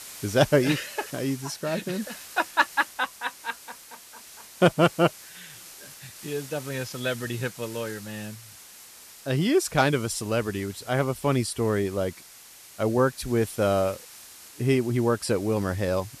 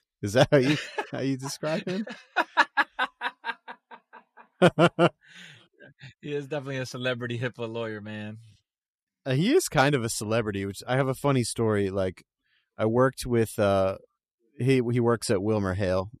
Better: second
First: hiss; noticeable; throughout; 15 dB below the speech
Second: none

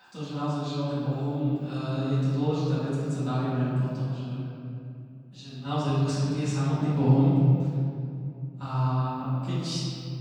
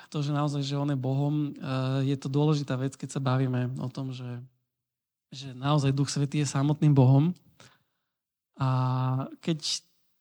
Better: second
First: off-mic speech; far // room echo; strong; dies away in 2.5 s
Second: none

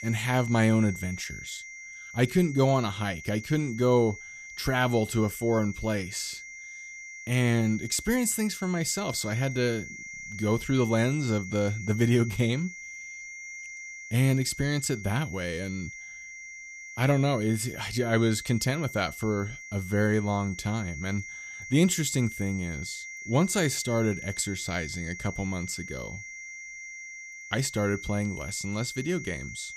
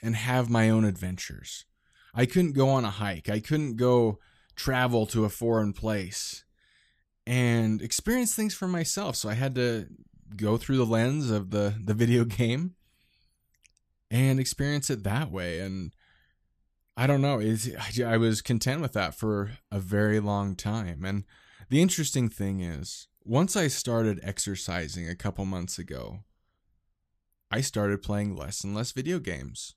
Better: second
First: high-pitched whine; noticeable; throughout; 2 kHz, 10 dB below the speech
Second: none

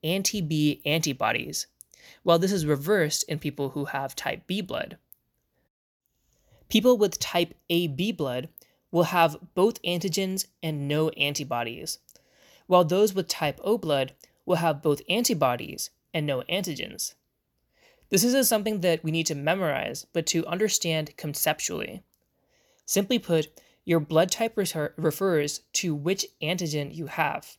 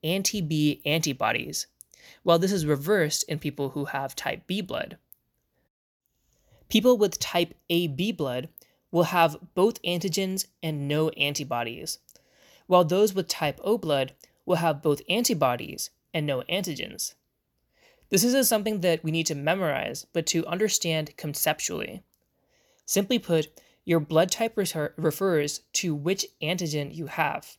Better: neither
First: none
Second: none

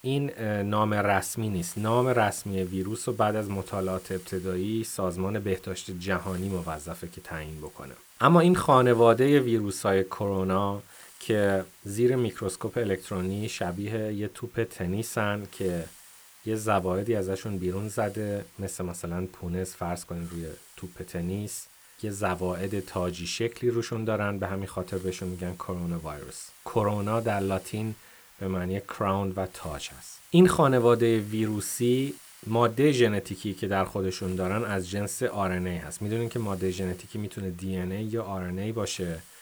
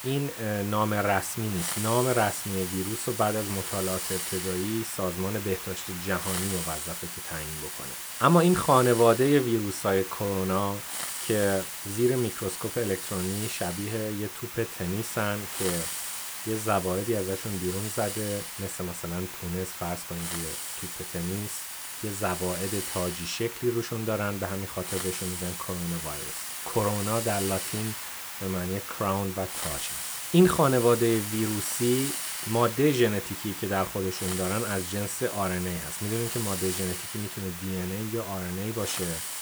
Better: first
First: hiss; faint; throughout; 20 dB below the speech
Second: hiss; loud; throughout; 4 dB below the speech

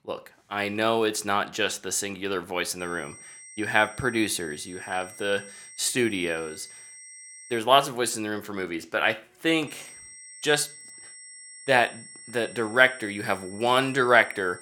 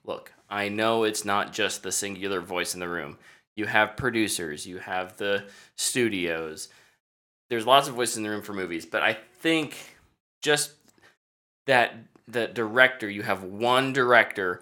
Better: second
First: high-pitched whine; noticeable; from 3 to 7.5 s and from 9.5 s on; 8 kHz, 20 dB below the speech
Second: none

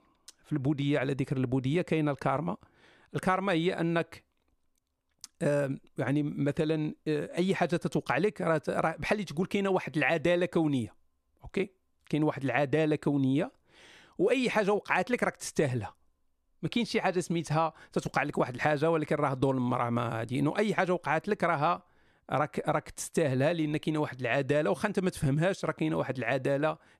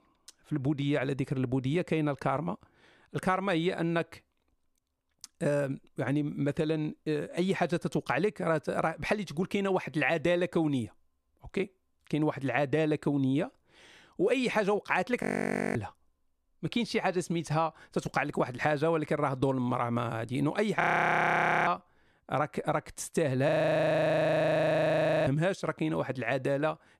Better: first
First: none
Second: audio freezing; at 15 s for 0.5 s, at 21 s for 1 s and at 23 s for 2 s

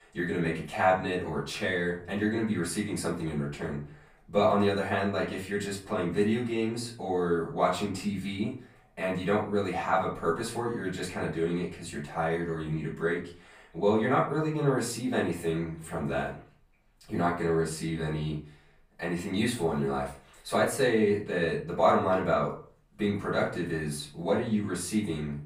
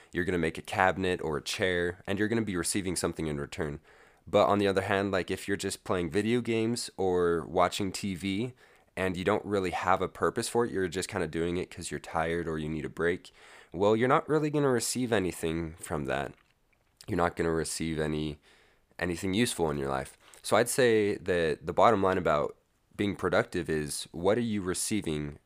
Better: second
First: off-mic speech; far // room echo; slight; dies away in 0.4 s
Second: none

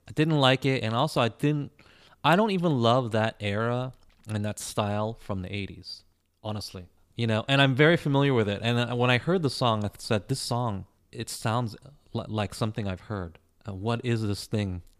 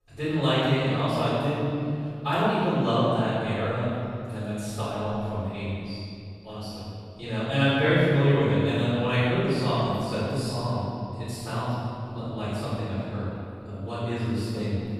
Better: first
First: none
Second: room echo; strong; dies away in 2.5 s // off-mic speech; far

